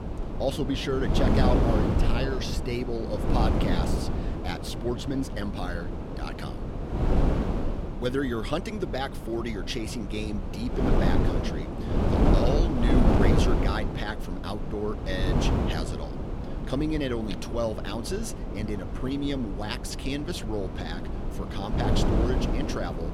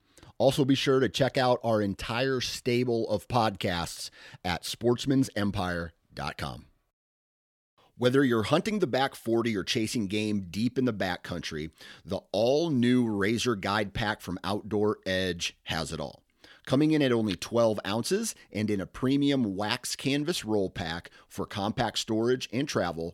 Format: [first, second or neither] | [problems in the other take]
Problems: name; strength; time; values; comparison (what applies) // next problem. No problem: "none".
second | wind noise on the microphone; heavy; 1 dB below the speech